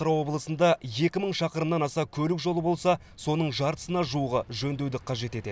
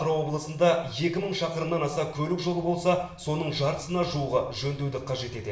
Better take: first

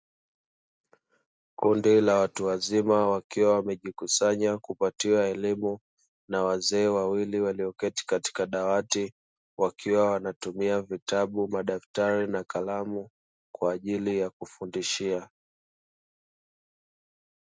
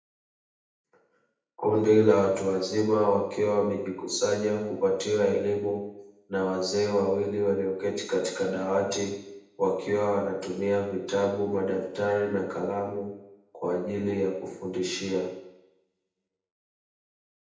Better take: first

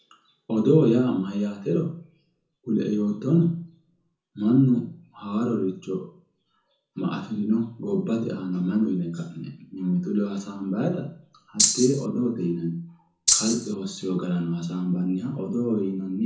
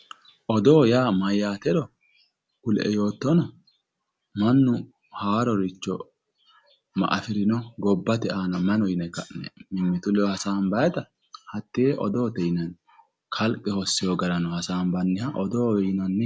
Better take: second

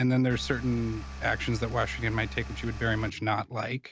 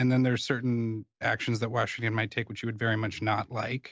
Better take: second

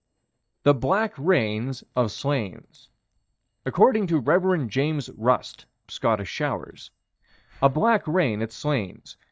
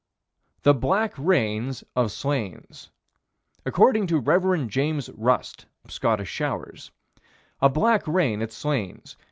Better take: second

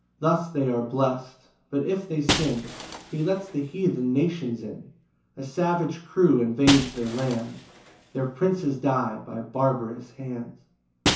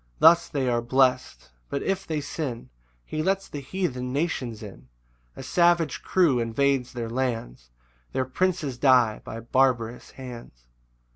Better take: second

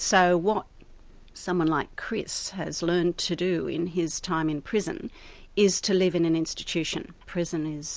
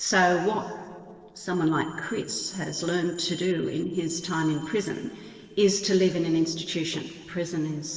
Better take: first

